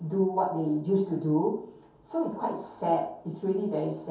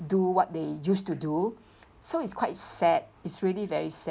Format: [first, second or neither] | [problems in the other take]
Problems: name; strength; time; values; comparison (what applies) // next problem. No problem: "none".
second | room echo; dies away in 0.6 s